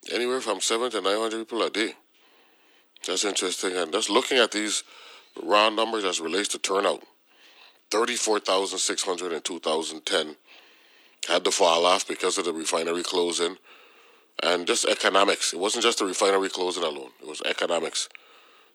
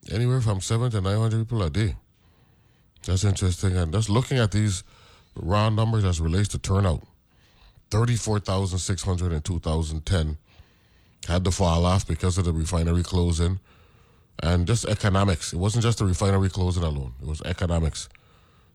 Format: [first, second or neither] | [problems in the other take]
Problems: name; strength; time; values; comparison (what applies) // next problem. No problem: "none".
second | thin; very; fading below 300 Hz